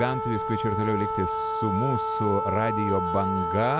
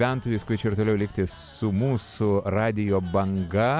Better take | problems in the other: second | background sound (Wind instrument, woodwind instrument); 1 dB below the speech

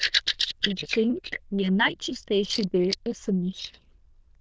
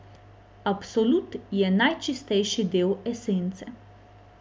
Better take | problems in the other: second | noise reduction (neural diffusion model UNIVERSE++)

